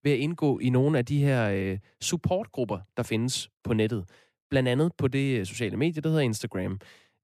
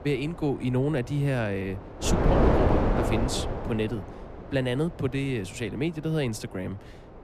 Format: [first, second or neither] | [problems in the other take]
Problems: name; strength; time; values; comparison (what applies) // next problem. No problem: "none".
first | wind noise on the microphone; heavy; 4 dB above the speech